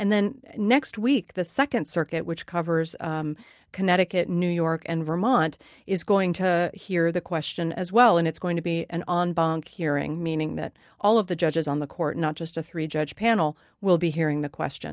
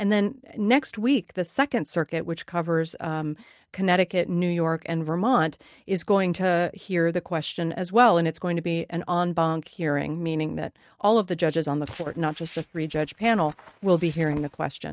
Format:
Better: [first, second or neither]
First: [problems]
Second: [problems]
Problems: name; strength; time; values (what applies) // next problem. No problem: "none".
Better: first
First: none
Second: noise reduction (neural mask model RNNoise)